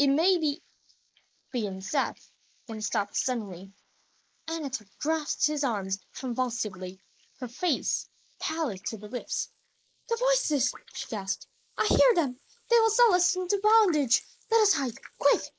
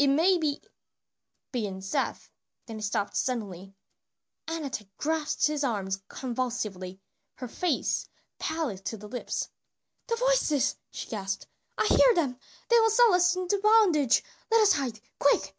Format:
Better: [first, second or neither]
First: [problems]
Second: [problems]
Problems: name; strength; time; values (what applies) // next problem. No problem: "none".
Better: second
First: noise reduction (neural mask model Resemble Enhance denoiser)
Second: none